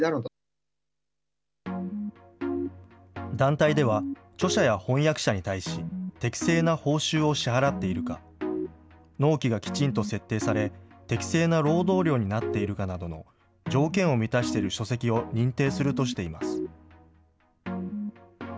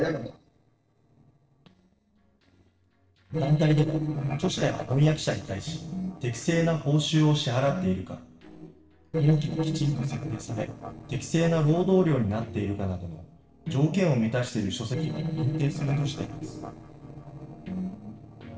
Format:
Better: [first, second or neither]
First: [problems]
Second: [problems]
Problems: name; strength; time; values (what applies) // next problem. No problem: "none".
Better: first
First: none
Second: noise reduction (neural separator model SepFormer DNS4)